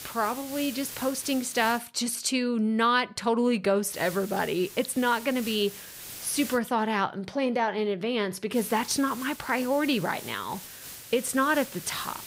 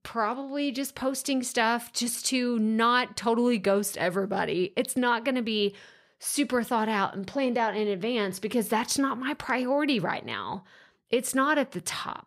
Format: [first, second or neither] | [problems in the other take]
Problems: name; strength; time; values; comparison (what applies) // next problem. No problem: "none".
second | hiss; noticeable; until 2 s, from 4 to 6.5 s and from 8.5 s on; 15 dB below the speech